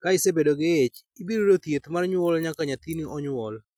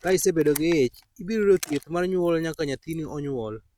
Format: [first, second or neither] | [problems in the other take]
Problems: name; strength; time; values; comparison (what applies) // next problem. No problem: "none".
first | noise reduction (neural mask model RNNoise)